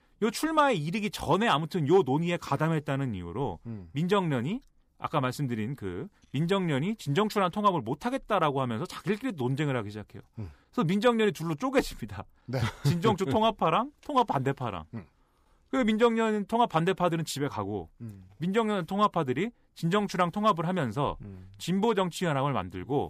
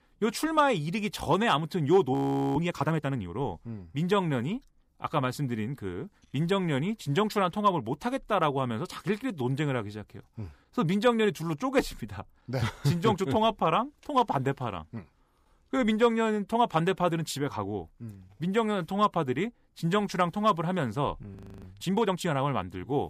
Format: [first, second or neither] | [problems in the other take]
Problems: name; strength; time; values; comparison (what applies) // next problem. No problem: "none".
first | audio freezing; at 2 s and at 21 s